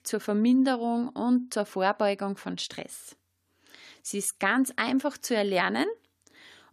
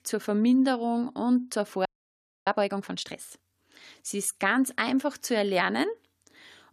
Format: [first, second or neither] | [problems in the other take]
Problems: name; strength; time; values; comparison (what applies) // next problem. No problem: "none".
first | audio freezing; at 2 s for 0.5 s